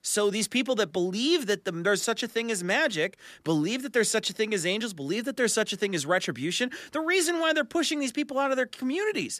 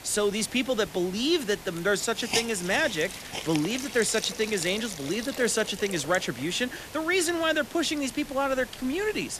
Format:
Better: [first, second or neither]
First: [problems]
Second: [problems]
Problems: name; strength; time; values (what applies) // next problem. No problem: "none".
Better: first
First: none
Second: hiss; loud; throughout; 10 dB below the speech